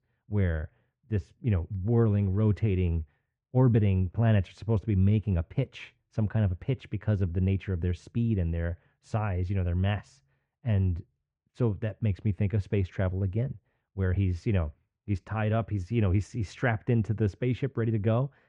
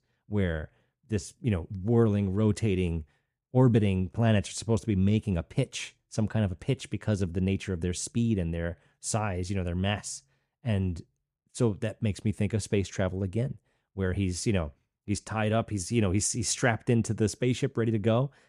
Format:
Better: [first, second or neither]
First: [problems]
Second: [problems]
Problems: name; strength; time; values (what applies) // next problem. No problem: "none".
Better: second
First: muffled; very; fading above 2 kHz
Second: none